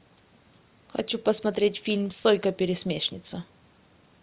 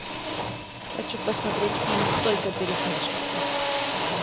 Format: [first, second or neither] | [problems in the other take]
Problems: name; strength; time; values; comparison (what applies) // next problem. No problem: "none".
first | background sound (Drill); 4 dB above the speech